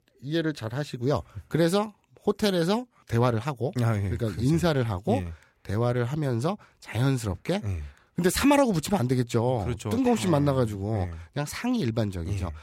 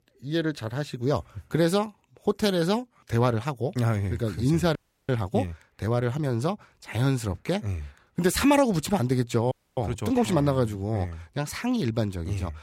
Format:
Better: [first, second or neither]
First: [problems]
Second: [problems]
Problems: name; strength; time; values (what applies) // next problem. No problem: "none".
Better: first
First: none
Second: audio freezing; at 5 s and at 9.5 s